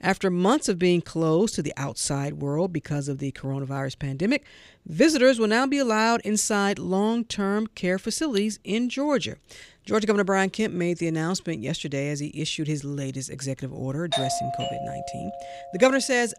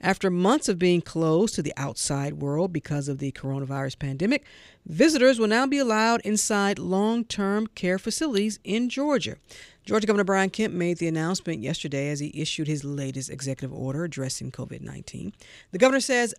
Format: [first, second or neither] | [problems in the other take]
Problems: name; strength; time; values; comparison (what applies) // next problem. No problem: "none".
second | doorbell; noticeable; from 14 to 16 s; peak 2 dB below the speech